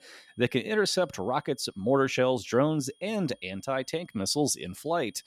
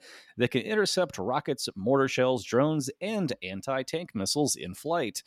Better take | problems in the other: second | high-pitched whine; faint; throughout; 3.5 kHz, 35 dB below the speech

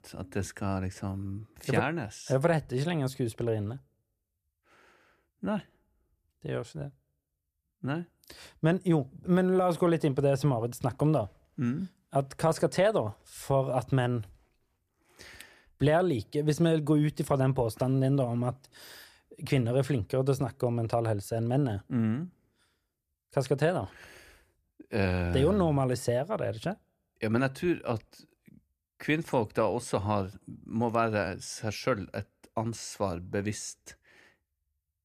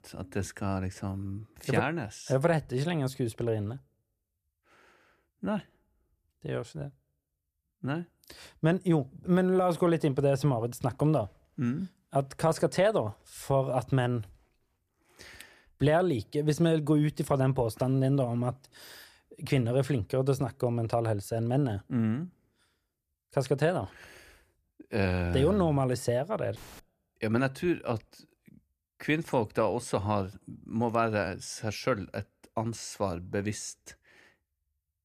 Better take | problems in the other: first | audio cutting out; filled with static; at 27 s

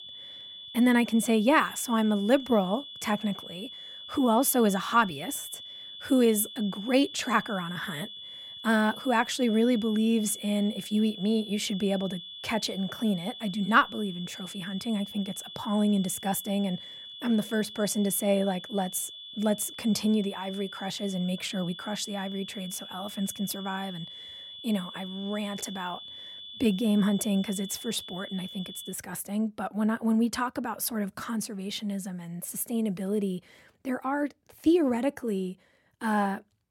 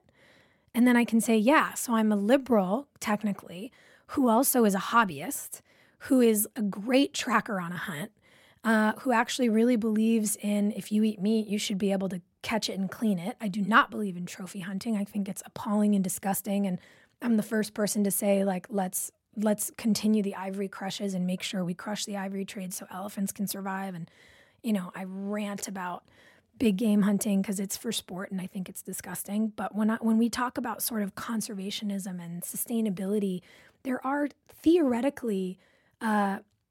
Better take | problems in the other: second | high-pitched whine; noticeable; until 29 s; 3.5 kHz, 10 dB below the speech

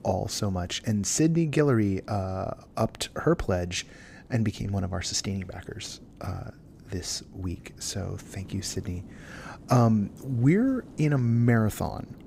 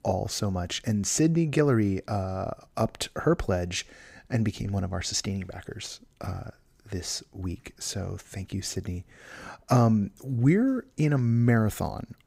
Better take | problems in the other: second | wind noise on the microphone; occasional gusts; 25 dB below the speech

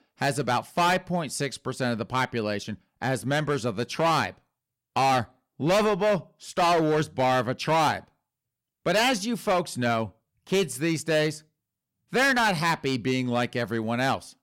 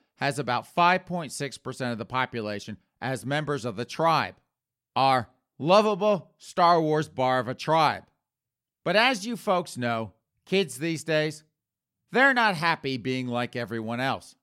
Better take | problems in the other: second | distortion; heavy; 8% of the sound clipped

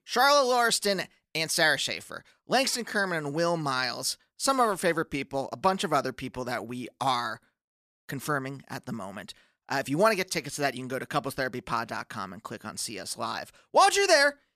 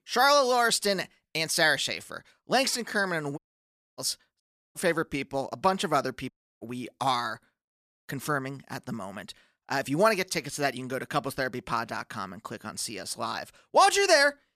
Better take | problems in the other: first | audio cutting out; at 3.5 s for 0.5 s, at 4.5 s and at 6.5 s

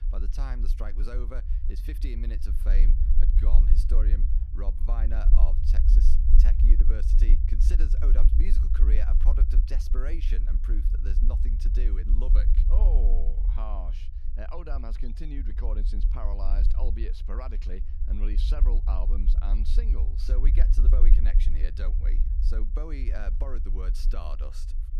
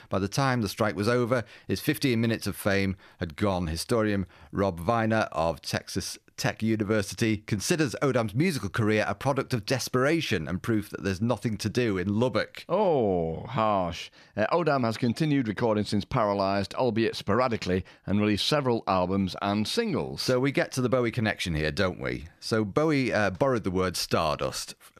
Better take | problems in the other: second | low rumble; loud; throughout; 5 dB below the speech

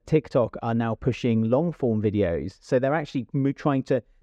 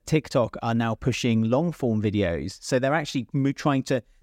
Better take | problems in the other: second | muffled; slightly; fading above 1.5 kHz

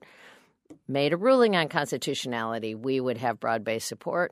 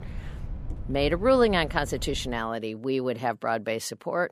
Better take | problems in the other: first | wind noise on the microphone; occasional gusts; until 2.5 s; 25 dB below the speech

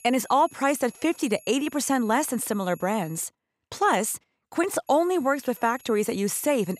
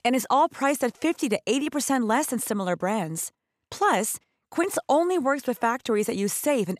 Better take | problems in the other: second | high-pitched whine; faint; until 3 s and from 5 s on; 11 kHz, 25 dB below the speech

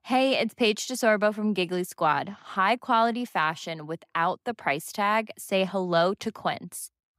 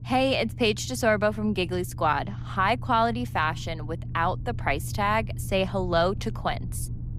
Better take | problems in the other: first | low rumble; faint; throughout; 25 dB below the speech

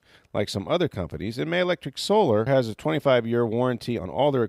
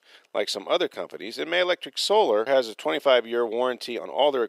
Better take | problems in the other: first | thin; somewhat; fading below 350 Hz

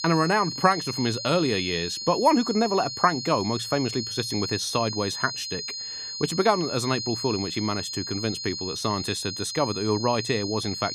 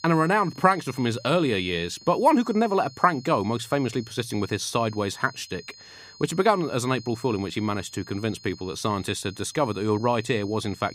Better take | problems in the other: second | high-pitched whine; loud; throughout; 4 kHz, 5 dB below the speech; faint in the second

